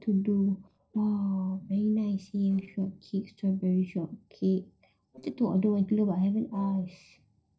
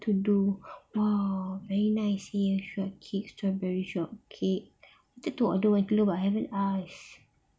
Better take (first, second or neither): second